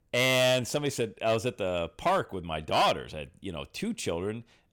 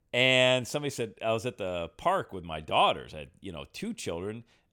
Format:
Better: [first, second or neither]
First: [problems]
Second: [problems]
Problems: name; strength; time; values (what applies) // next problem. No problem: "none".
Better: second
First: distortion; heavy; 5% of the sound clipped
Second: none